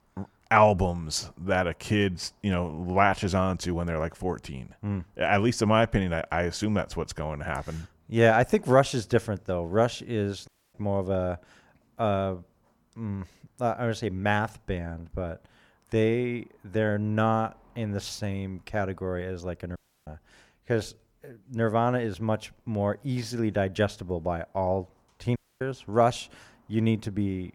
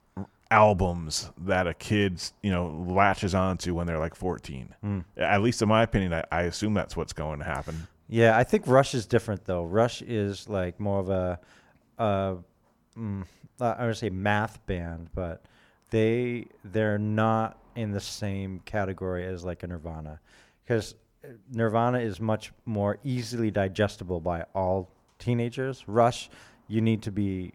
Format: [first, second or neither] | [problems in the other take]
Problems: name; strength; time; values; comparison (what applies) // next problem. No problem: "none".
second | audio cutting out; at 10 s, at 20 s and at 25 s